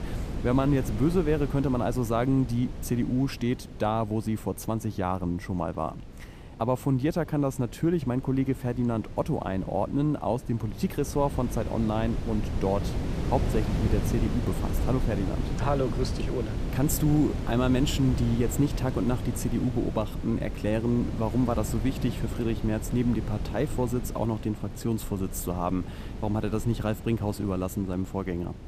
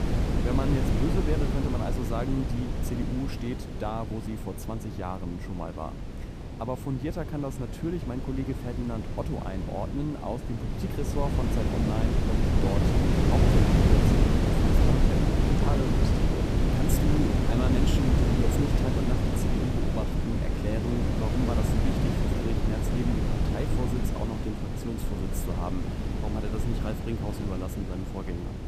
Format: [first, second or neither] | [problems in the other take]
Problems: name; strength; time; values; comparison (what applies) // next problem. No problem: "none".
first | wind noise on the microphone; heavy; 3 dB above the speech; occasional gusts in the first